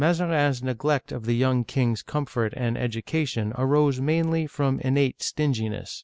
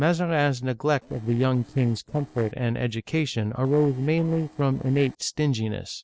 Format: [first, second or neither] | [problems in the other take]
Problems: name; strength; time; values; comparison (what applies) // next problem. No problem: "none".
first | noise reduction (neural separator model SepFormer DNS4)